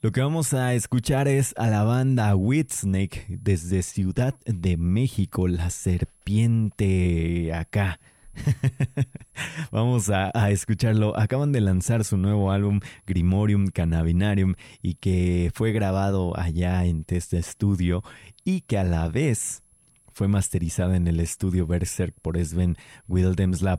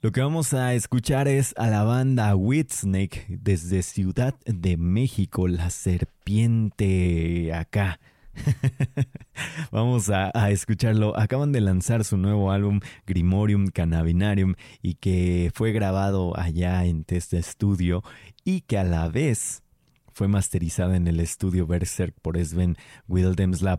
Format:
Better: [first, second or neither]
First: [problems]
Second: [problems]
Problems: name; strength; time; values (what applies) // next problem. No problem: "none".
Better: second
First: high-pitched whine; faint; throughout; 11 kHz, 35 dB below the speech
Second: none